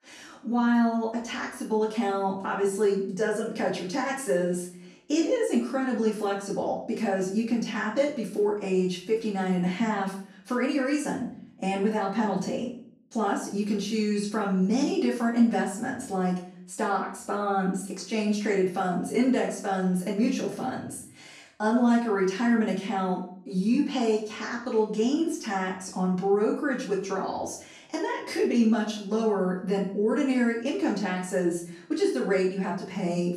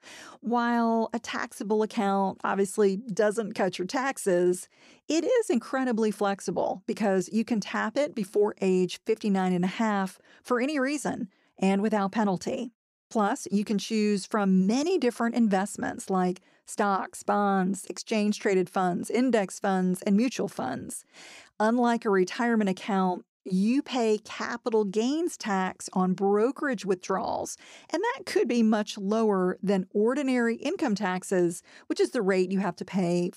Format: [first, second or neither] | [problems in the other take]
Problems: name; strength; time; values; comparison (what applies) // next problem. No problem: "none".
second | off-mic speech; far // room echo; noticeable; dies away in 0.5 s